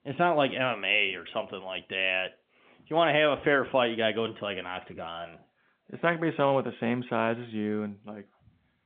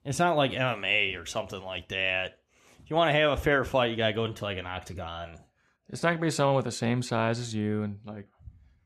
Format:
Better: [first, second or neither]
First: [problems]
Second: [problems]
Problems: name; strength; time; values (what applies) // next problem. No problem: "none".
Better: second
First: phone-call audio; nothing above 3.5 kHz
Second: none